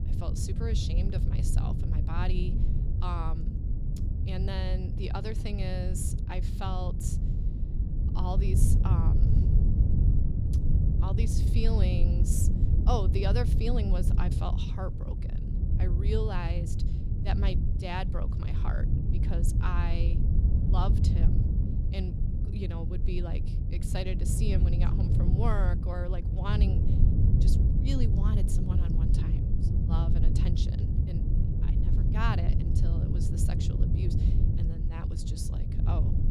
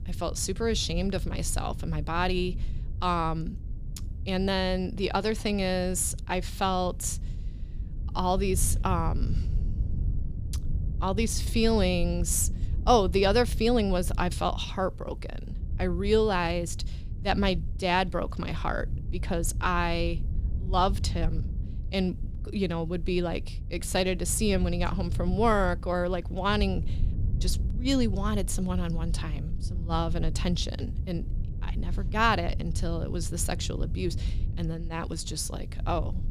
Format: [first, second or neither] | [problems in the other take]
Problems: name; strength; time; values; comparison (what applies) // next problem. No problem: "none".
second | wind noise on the microphone; heavy; 3 dB below the speech; occasional gusts in the second